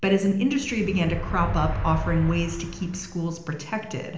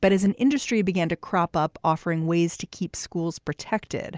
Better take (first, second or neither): second